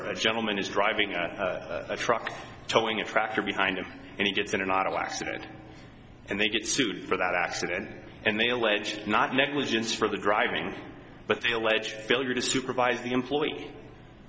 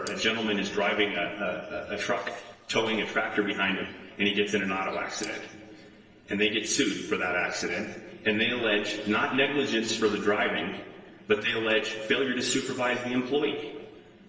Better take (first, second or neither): first